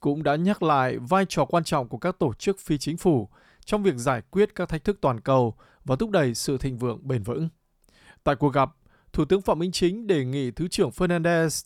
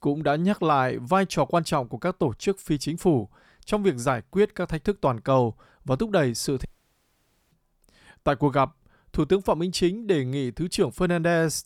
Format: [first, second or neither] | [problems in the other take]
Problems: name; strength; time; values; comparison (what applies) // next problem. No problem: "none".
first | audio cutting out; at 6.5 s for 1 s